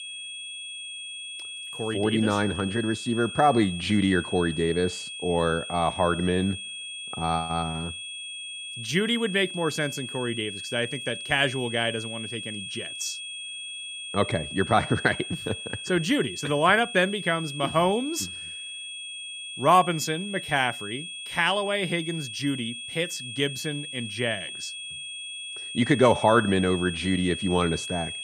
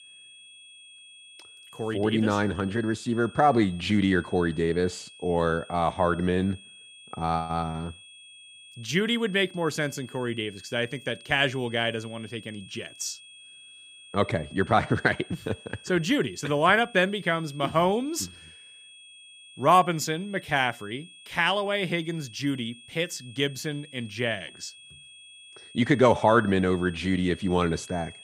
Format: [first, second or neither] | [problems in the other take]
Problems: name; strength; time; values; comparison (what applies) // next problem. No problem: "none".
second | high-pitched whine; loud; throughout; 3.5 kHz, 8 dB below the speech; faint in the second